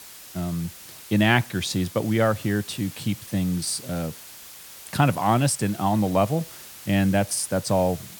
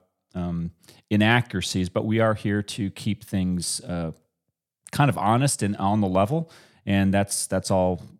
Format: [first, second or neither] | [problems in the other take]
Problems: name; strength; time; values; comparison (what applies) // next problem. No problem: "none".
second | hiss; noticeable; throughout; 15 dB below the speech